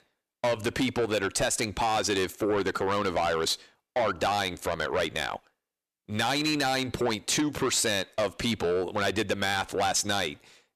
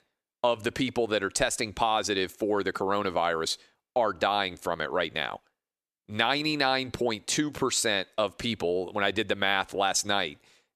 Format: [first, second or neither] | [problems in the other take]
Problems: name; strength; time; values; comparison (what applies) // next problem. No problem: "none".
second | distortion; heavy; 7 dB below the speech